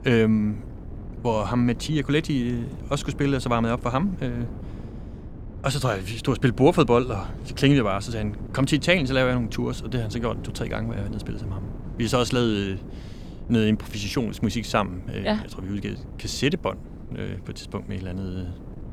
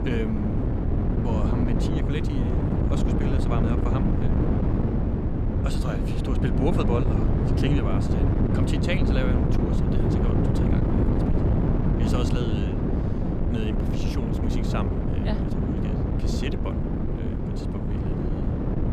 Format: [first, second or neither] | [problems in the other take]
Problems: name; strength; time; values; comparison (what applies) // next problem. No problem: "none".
first | wind noise on the microphone; heavy; 3 dB above the speech; occasional gusts in the first